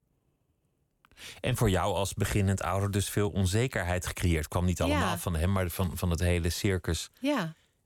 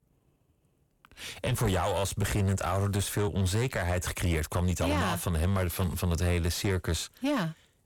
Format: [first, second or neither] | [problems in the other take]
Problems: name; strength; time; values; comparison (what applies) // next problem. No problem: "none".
first | distortion; slight; 10 dB below the speech